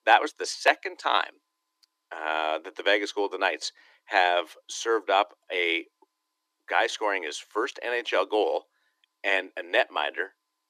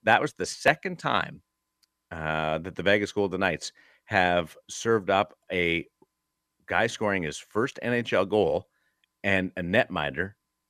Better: second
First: thin; very; fading below 300 Hz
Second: none

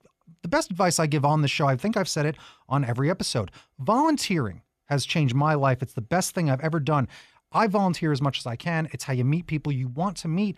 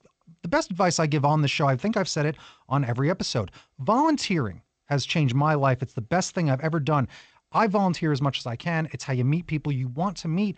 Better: first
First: none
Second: garbled, watery; slightly; nothing above 8 kHz

